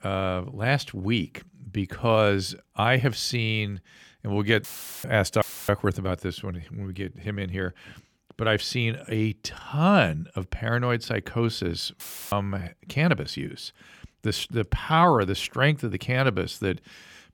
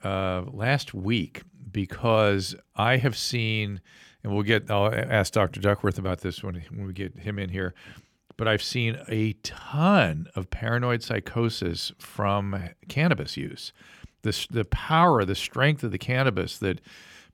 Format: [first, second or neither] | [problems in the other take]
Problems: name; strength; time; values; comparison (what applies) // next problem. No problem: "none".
second | audio cutting out; filled with static; at 4.5 s, at 5.5 s and at 12 s